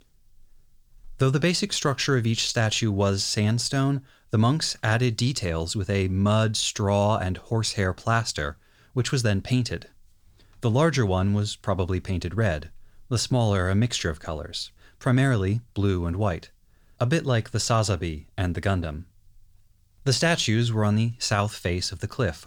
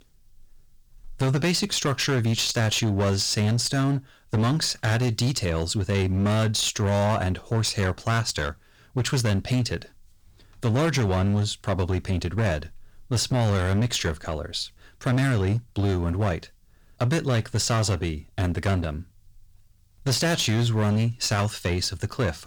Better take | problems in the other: first | distortion; slight; 13% of the sound clipped

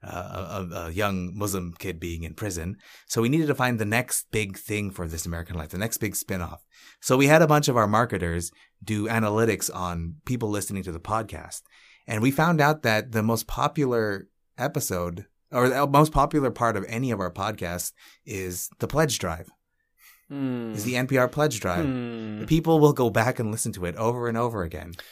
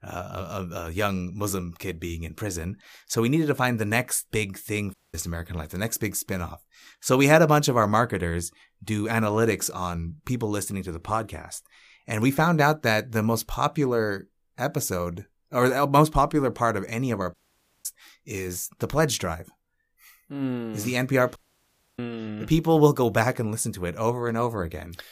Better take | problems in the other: first | audio cutting out; at 5 s, at 17 s for 0.5 s and at 21 s for 0.5 s

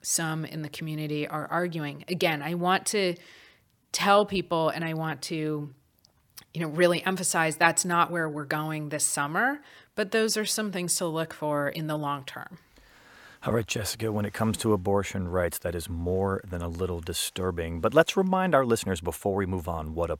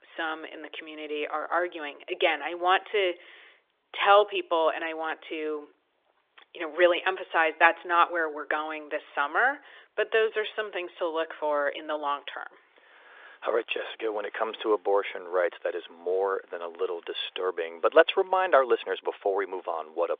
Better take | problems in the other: first | phone-call audio; nothing above 3.5 kHz

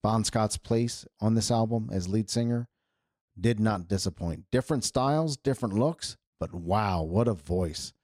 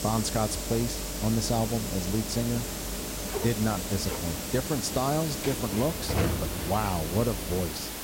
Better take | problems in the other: first | hiss; loud; throughout; 2 dB below the speech

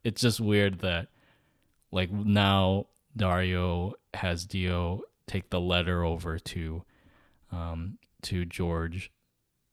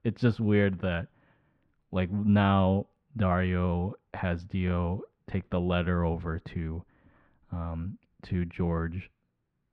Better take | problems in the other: first | muffled; very; fading above 1.5 kHz

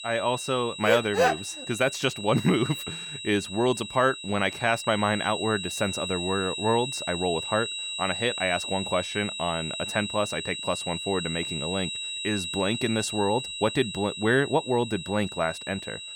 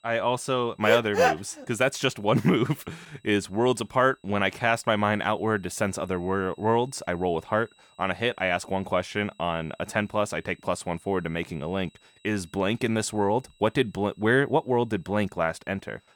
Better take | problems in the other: second | high-pitched whine; loud; throughout; 4 kHz, 6 dB below the speech; faint in the second

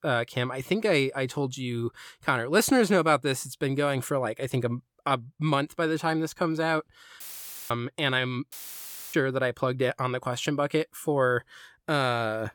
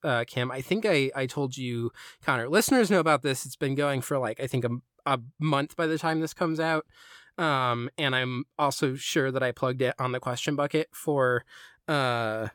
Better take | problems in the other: second | audio cutting out; filled with static; at 7 s for 0.5 s and at 8.5 s for 0.5 s

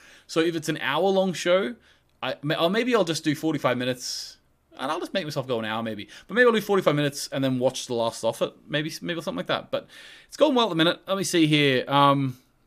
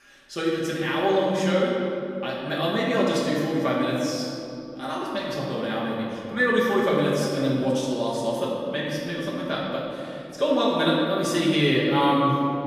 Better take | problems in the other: first | room echo; noticeable; dies away in 2.5 s // off-mic speech; far

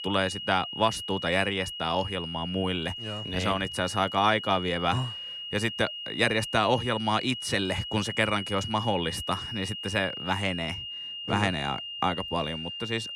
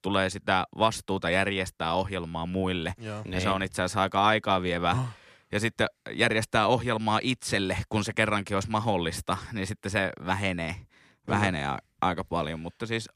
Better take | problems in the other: second | high-pitched whine; loud; throughout; 3 kHz, 7 dB below the speech

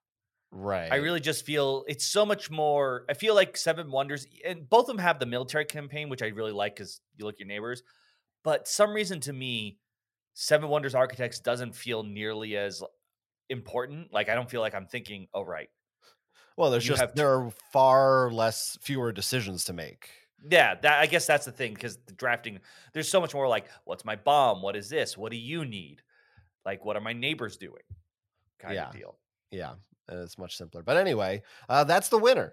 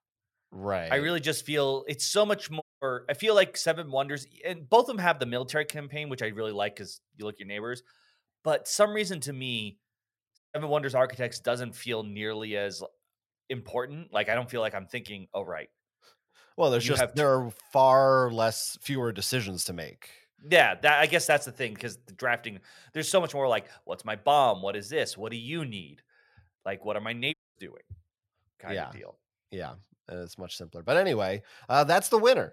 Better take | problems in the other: first | audio cutting out; at 2.5 s, at 10 s and at 27 s

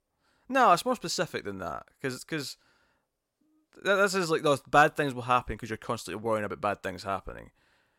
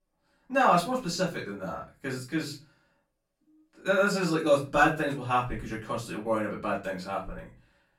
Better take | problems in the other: first | room echo; slight; dies away in 0.3 s // off-mic speech; far

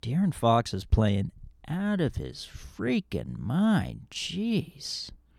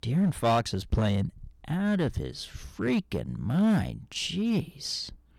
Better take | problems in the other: first | distortion; slight; 6% of the sound clipped

